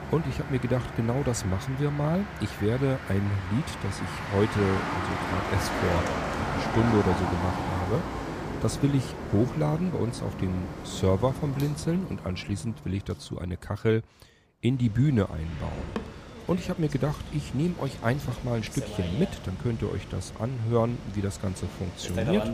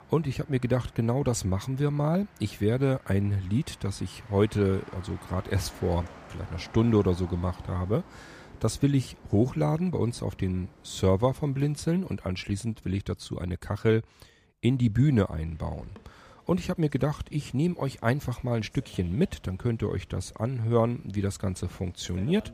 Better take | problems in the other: second | traffic noise; loud; throughout; 6 dB below the speech; faint in the second

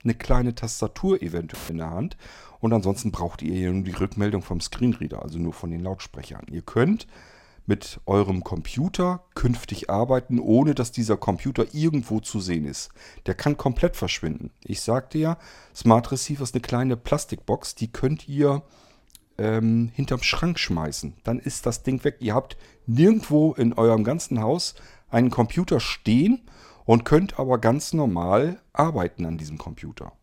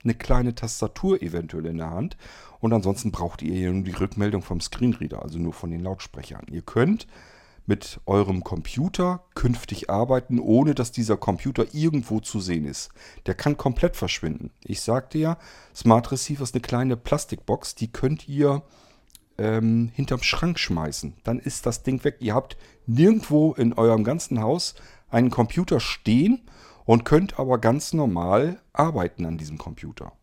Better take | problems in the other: second | audio cutting out; filled with static; at 1.5 s

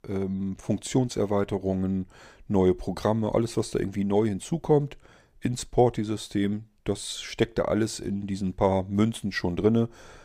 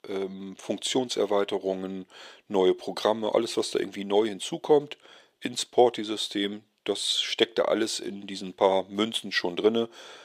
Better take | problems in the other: first | thin; somewhat; fading below 400 Hz

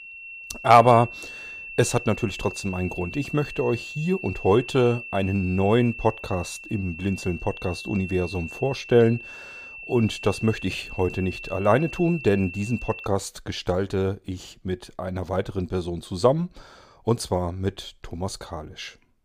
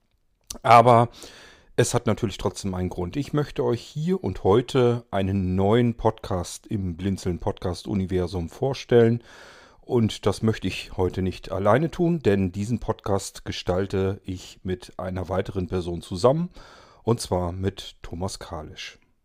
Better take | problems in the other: second | high-pitched whine; noticeable; until 13 s; 2.5 kHz, 10 dB below the speech

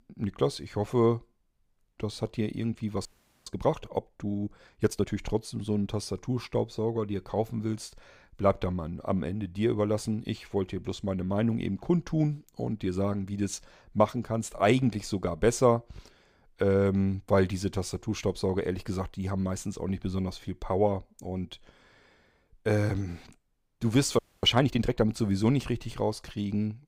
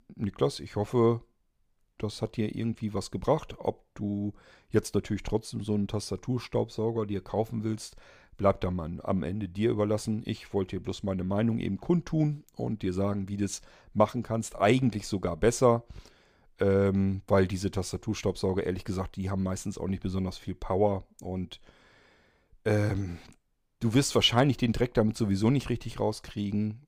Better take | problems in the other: second | audio freezing; at 3 s and at 24 s

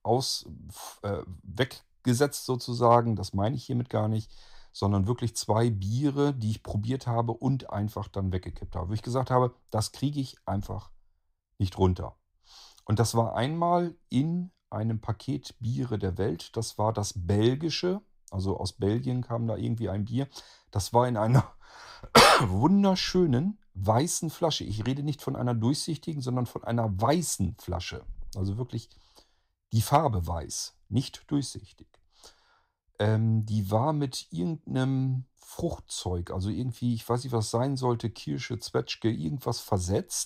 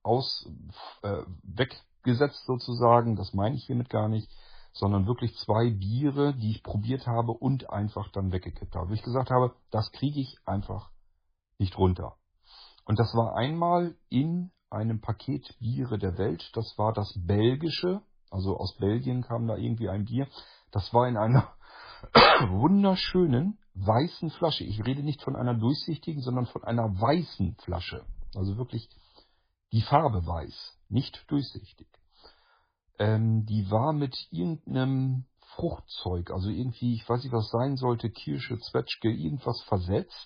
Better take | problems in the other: first | garbled, watery; badly

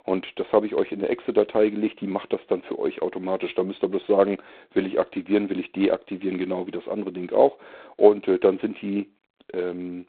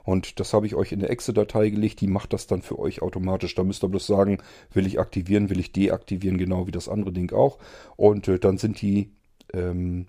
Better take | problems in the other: second | phone-call audio; poor line; nothing above 4 kHz

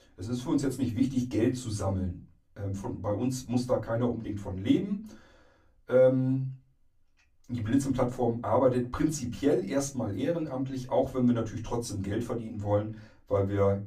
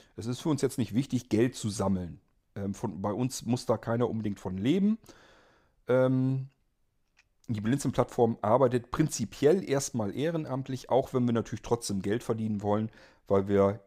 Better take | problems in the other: second | off-mic speech; far // room echo; very slight; dies away in 0.3 s

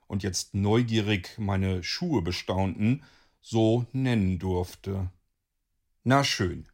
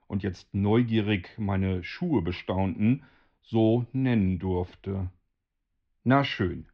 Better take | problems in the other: first | muffled; very; fading above 3 kHz

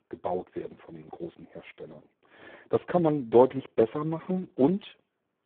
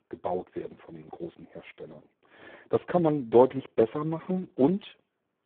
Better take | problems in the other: neither | phone-call audio; poor line; nothing above 3.5 kHz; the same in both

